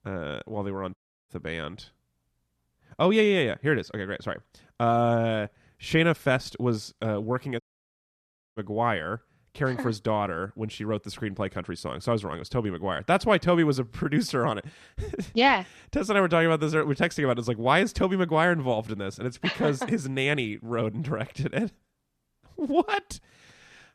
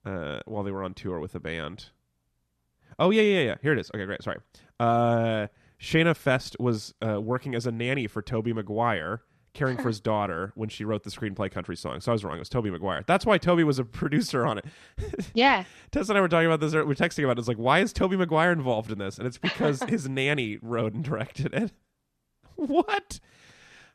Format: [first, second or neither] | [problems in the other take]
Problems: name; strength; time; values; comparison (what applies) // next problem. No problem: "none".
second | audio cutting out; at 1 s and at 7.5 s for 1 s